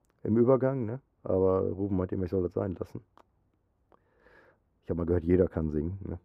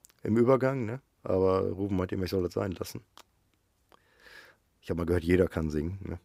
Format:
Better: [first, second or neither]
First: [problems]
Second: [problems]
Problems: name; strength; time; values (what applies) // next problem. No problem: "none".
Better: second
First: muffled; very; fading above 2 kHz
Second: none